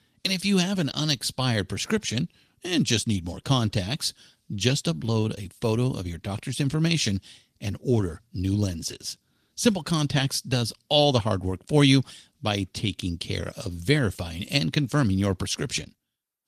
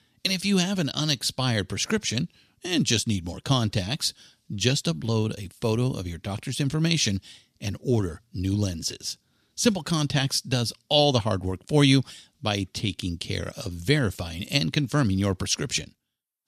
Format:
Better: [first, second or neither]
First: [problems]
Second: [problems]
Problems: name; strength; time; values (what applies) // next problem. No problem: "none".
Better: second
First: garbled, watery; slightly; nothing above 14 kHz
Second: none